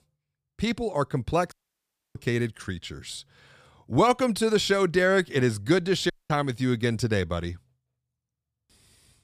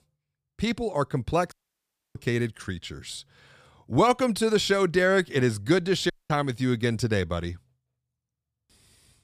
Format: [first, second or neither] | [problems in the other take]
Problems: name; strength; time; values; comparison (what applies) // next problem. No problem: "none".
neither | audio cutting out; at 1.5 s for 0.5 s and at 6 s; the same in both